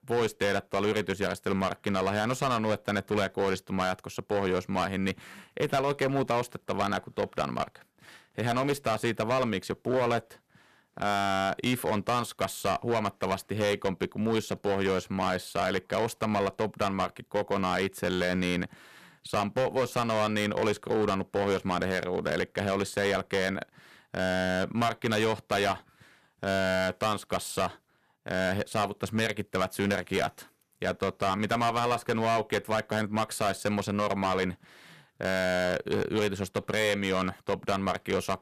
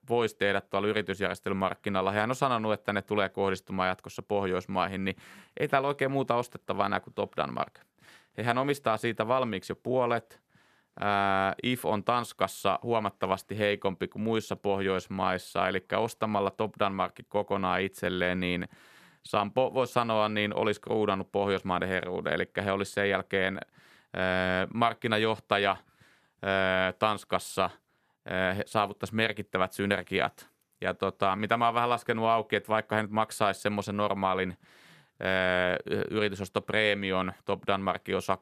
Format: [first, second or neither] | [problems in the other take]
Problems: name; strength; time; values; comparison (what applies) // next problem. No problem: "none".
second | distortion; heavy; 11% of the sound clipped